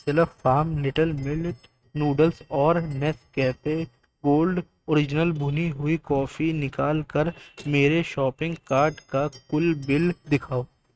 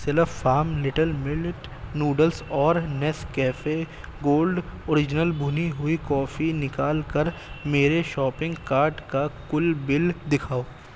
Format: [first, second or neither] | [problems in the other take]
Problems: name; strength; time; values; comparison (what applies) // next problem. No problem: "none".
second | noise reduction (neural mask model RNNoise)